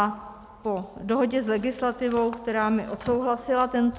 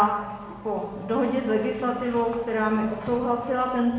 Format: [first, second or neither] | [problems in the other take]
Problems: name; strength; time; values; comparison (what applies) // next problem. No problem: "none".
first | background sound (Race car, auto racing / Accelerating, revving, vroom); 18 dB below the speech // room echo; dies away in 1.2 s